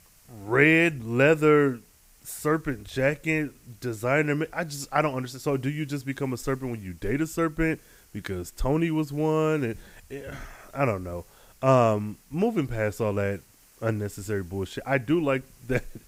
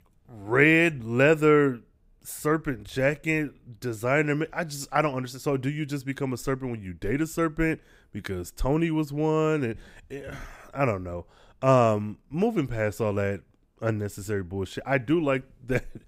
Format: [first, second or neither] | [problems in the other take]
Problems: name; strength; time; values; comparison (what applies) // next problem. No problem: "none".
second | hiss; faint; throughout; 30 dB below the speech